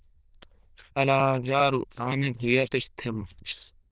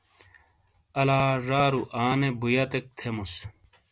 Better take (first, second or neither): second